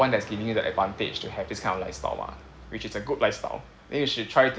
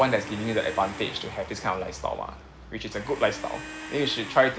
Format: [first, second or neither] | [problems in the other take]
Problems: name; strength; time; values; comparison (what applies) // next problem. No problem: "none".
first | background sound (Domestic sounds, home sounds); 14 dB below the speech